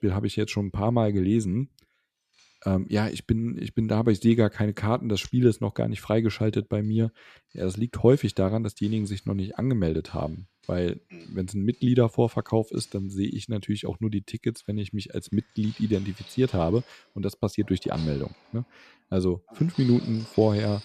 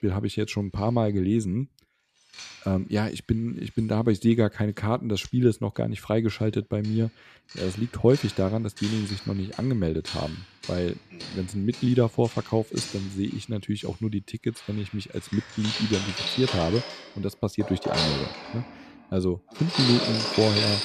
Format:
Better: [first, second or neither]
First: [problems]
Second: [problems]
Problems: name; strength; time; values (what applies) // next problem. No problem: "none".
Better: first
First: household noises; faint; throughout; 25 dB below the speech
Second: household noises; loud; throughout; 4 dB below the speech